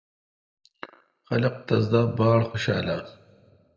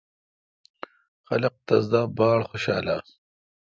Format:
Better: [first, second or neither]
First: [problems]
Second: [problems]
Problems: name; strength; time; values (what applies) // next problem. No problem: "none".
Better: second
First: room echo; dies away in 1 s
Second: none